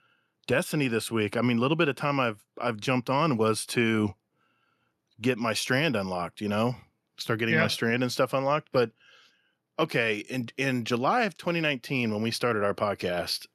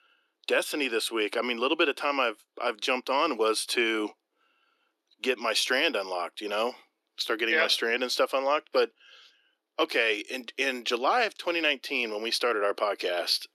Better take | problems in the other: first | thin; somewhat; fading below 300 Hz

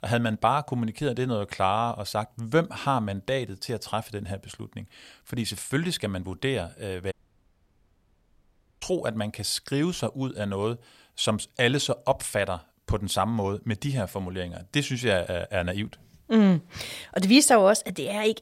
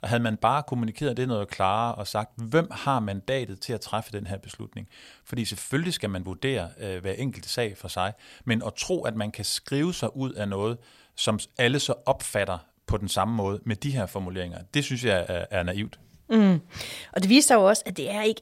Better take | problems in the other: second | audio cutting out; at 7 s for 1.5 s

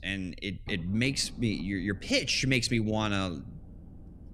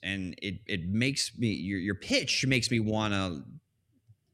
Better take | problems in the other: second | low rumble; faint; throughout; 25 dB below the speech

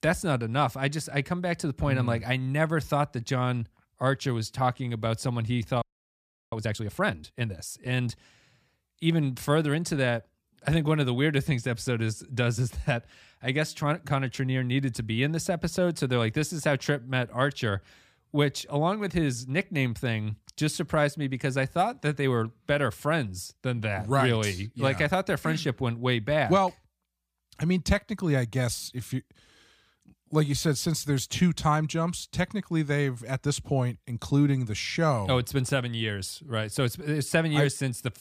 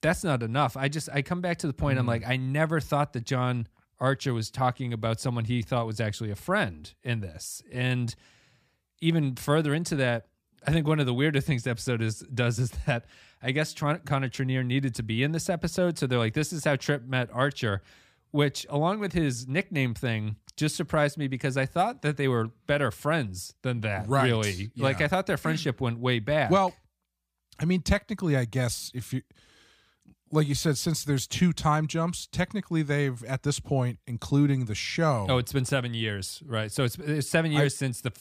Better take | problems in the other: second | audio freezing; at 6 s for 0.5 s

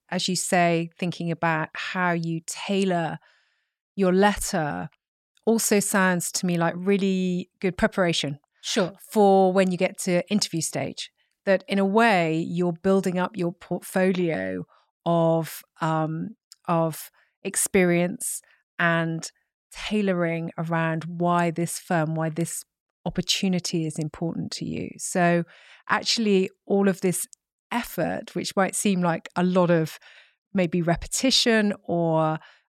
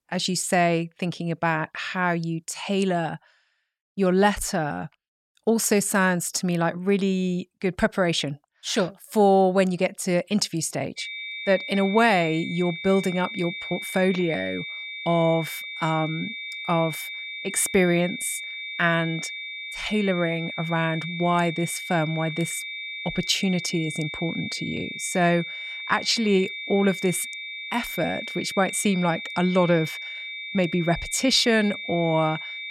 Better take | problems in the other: first | high-pitched whine; loud; from 11 s on; 2.5 kHz, 8 dB below the speech

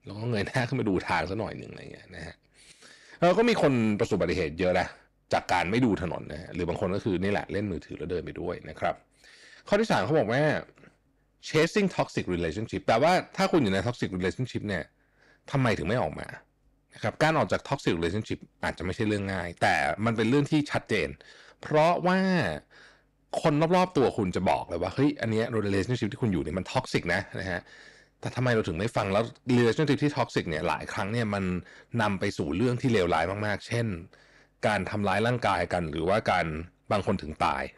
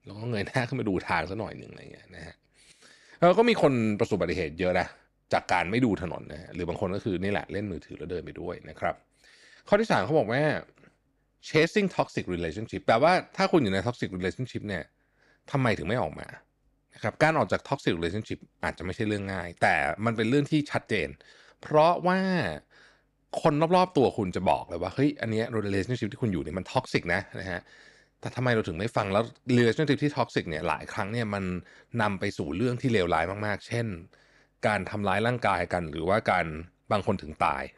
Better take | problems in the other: second | distortion; slight; 10 dB below the speech

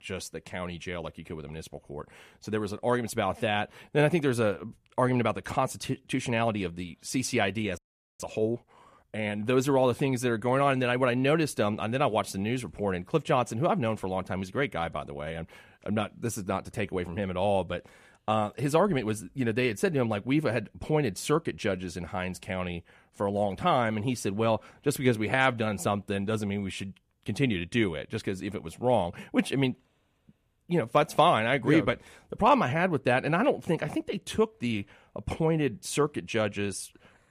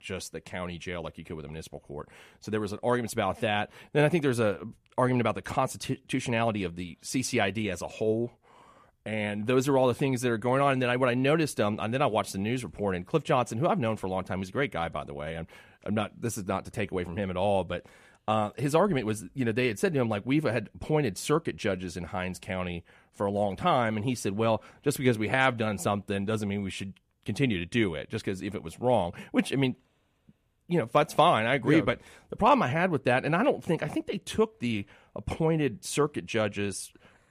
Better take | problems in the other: second | audio freezing; at 8 s

